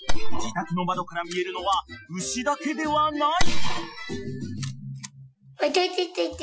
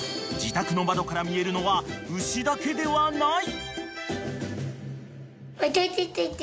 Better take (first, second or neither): second